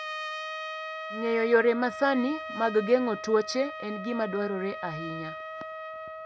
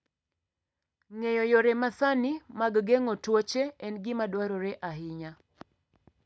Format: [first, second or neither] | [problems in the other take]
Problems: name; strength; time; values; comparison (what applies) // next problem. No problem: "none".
second | background sound (Trumpet); 9 dB below the speech